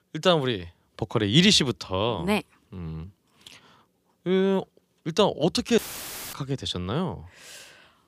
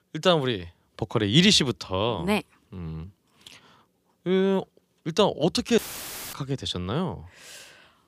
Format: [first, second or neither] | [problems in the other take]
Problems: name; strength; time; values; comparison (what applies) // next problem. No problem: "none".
neither | audio cutting out; filled with static; at 6 s for 0.5 s; the same in both